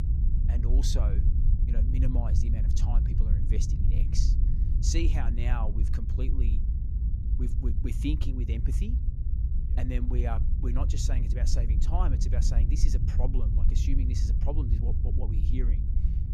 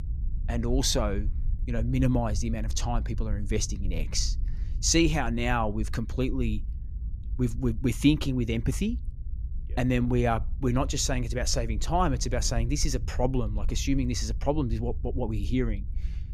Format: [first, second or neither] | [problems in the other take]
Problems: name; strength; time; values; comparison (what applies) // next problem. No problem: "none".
second | low rumble; loud; throughout; 4 dB below the speech; faint in the second